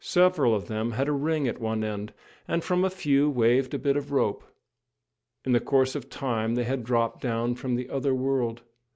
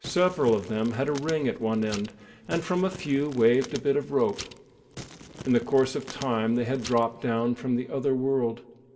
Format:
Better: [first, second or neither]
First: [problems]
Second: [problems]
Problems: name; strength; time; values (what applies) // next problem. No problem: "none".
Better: first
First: none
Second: background sound (Crumpling, crinkling); 17 dB below the speech // room echo; dies away in 1.5 s